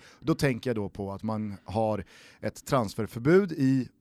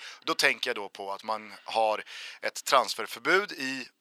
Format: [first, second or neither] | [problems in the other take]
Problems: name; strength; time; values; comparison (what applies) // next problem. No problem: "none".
first | thin; very; fading below 800 Hz